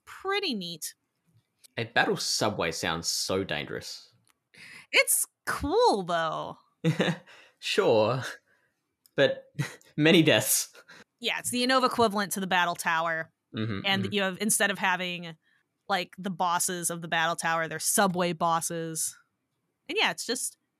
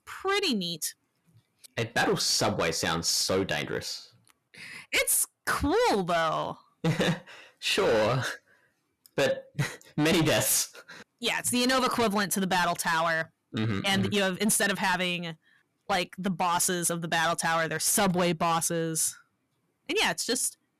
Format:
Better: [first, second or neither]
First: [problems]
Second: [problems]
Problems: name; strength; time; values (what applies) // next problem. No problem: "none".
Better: first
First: none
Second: distortion; heavy; 12% of the sound clipped